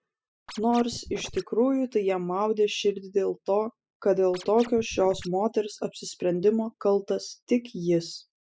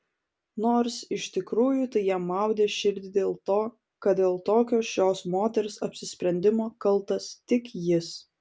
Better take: second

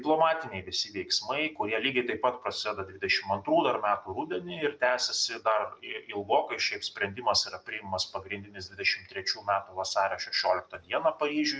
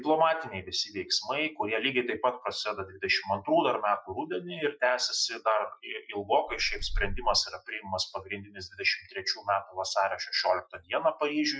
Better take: first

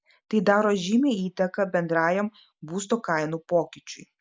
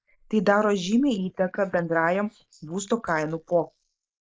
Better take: first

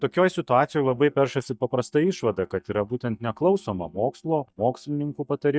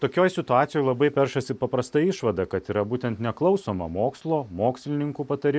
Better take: second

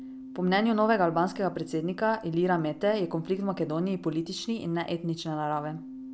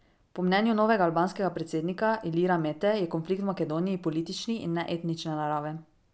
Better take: second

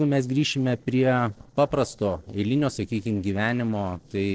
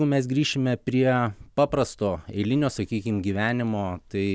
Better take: second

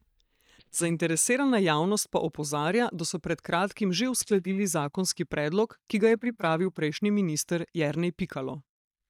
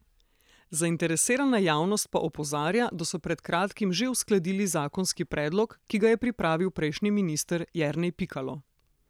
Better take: second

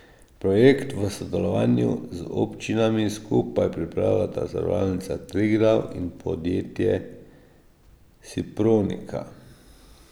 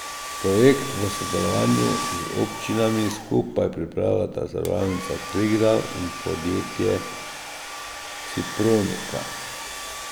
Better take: first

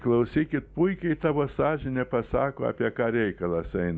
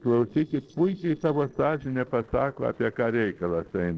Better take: first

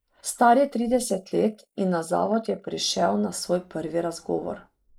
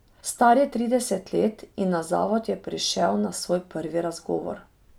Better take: second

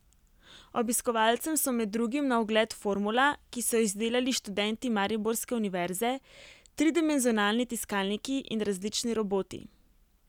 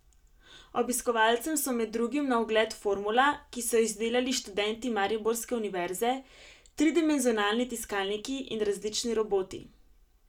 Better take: first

